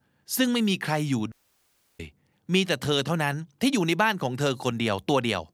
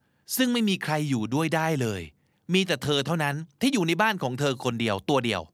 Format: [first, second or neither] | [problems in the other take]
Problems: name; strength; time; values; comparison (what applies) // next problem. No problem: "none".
second | audio cutting out; at 1.5 s for 0.5 s